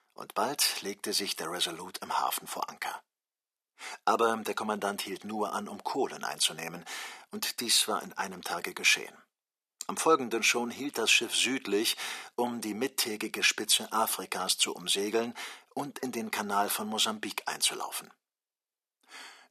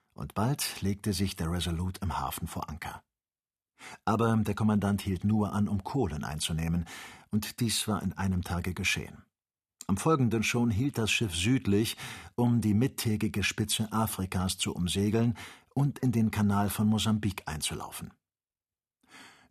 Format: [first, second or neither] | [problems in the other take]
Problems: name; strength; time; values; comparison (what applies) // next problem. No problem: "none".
second | thin; very; fading below 400 Hz